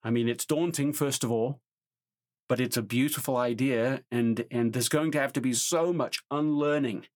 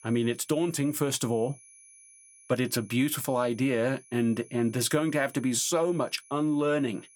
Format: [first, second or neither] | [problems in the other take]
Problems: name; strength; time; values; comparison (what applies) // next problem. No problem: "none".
first | high-pitched whine; faint; throughout; 10.5 kHz, 25 dB below the speech